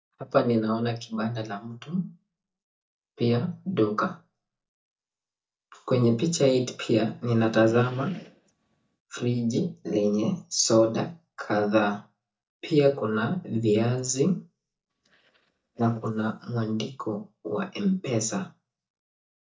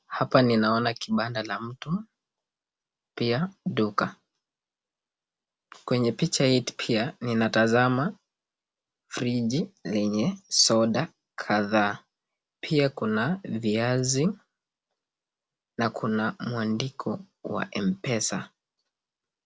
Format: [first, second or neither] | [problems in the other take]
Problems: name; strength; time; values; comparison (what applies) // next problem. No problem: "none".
second | noise reduction (neural mask model DeepFilterNet 3)